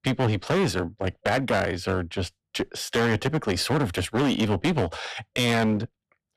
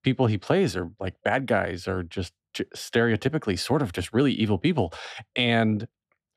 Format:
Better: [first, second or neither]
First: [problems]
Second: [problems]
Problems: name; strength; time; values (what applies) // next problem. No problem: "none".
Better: second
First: distortion; heavy; 16% of the sound clipped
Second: none